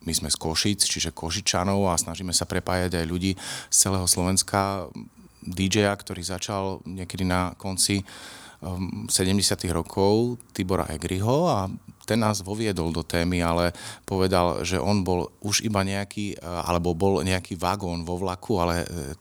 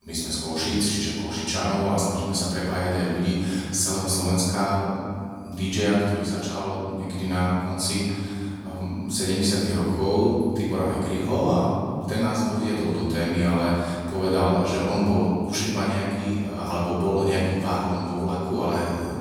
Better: first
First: none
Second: off-mic speech; far // room echo; strong; dies away in 2.3 s

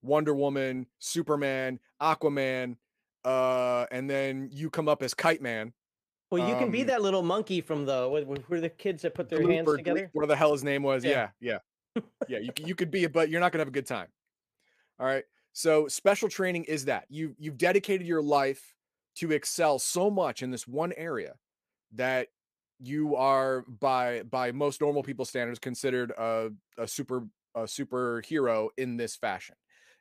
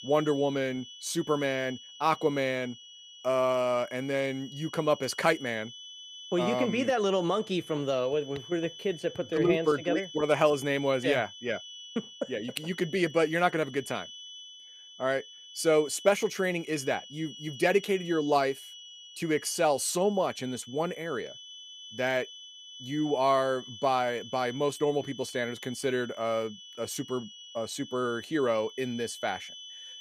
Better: first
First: none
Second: high-pitched whine; noticeable; throughout; 3 kHz, 15 dB below the speech

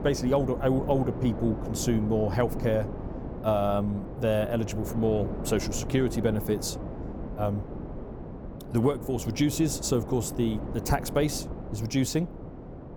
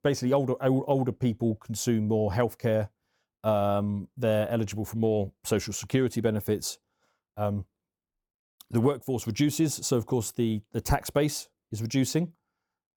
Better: second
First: wind noise on the microphone; occasional gusts; 10 dB below the speech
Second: none

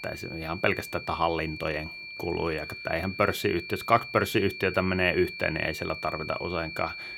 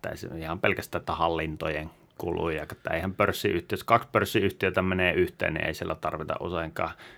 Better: second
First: high-pitched whine; loud; throughout; 2.5 kHz, 9 dB below the speech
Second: none

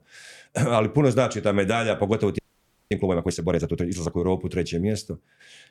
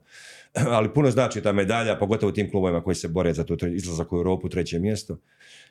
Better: second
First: audio freezing; at 2.5 s for 0.5 s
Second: none

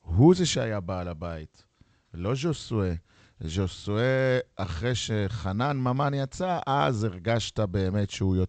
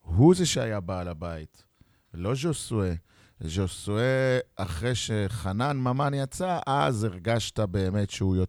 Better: second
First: garbled, watery; slightly; nothing above 8 kHz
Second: none

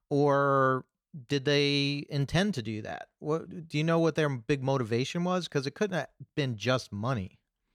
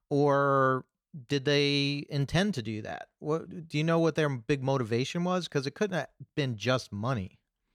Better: neither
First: none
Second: none

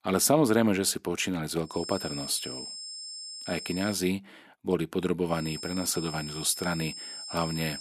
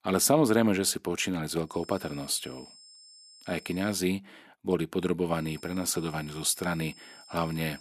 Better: second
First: high-pitched whine; loud; from 2 to 4 s and from 5.5 s on; 5 kHz, 9 dB below the speech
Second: high-pitched whine; faint; from 2 to 4 s and from 5.5 s on; 5 kHz, 20 dB below the speech

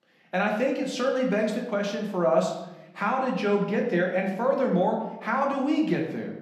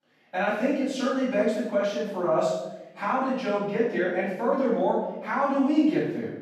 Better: first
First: room echo; slight; dies away in 0.8 s // off-mic speech; somewhat distant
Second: room echo; strong; dies away in 0.9 s // off-mic speech; far

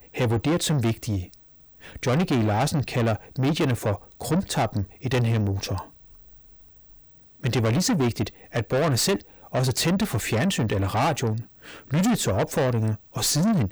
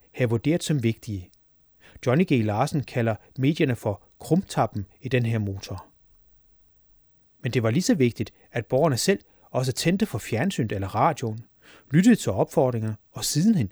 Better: second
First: distortion; heavy; 6 dB below the speech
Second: none

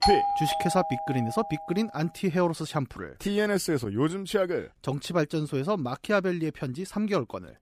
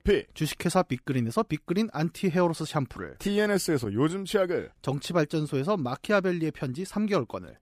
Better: second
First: doorbell; loud; until 1.5 s; peak 5 dB above the speech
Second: none

